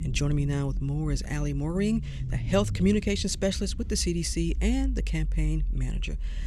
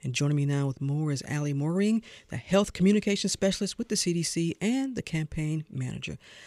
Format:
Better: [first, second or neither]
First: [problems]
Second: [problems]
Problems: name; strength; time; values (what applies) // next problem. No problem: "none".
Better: second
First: low rumble; noticeable; throughout; 20 dB below the speech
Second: none